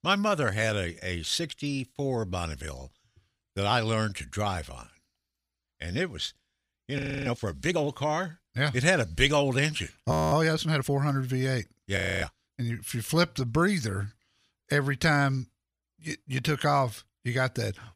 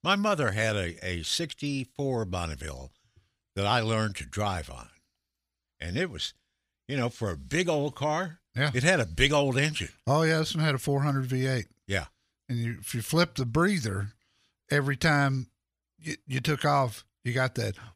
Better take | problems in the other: second | audio freezing; at 7 s, at 10 s and at 12 s

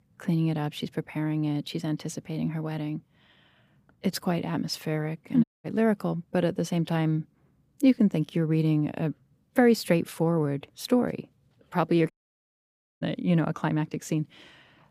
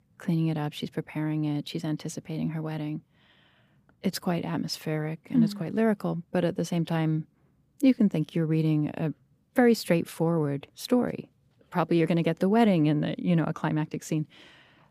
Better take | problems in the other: second | audio cutting out; at 5.5 s and at 12 s for 1 s

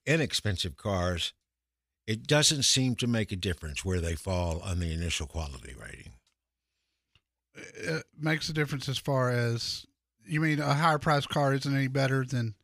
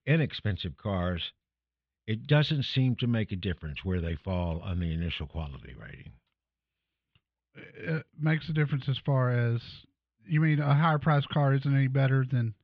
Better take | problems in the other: first | muffled; very; fading above 3.5 kHz

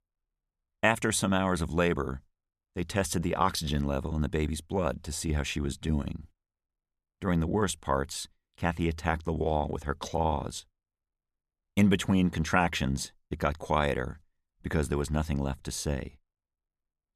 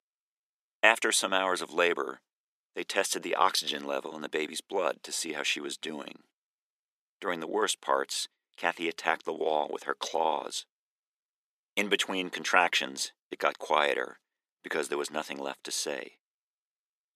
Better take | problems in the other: first | thin; very; fading below 350 Hz

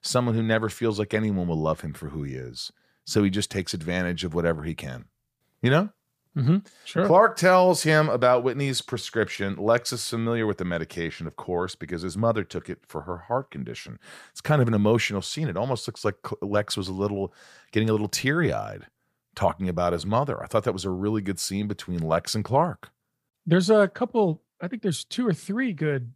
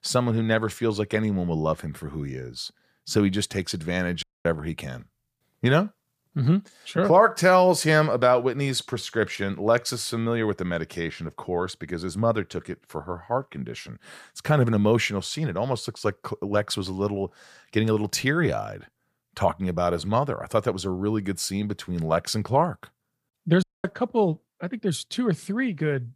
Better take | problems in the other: first | audio cutting out; at 4 s and at 24 s

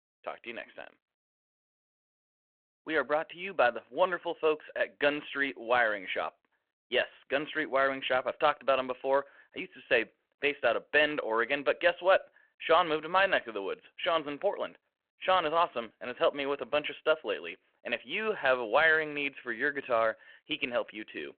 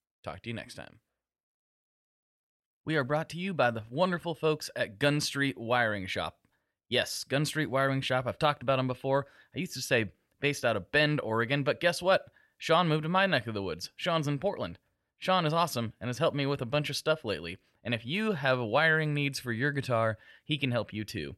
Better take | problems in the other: second | phone-call audio

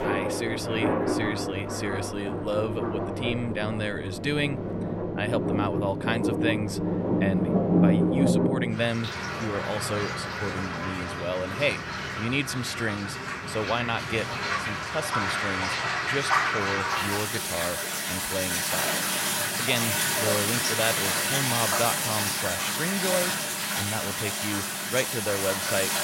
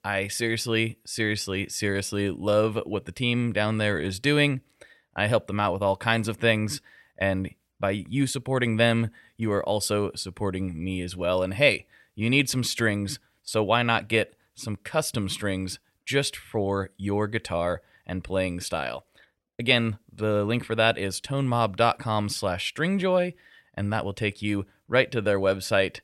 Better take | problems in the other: second | rain or running water; very loud; throughout; 4 dB above the speech

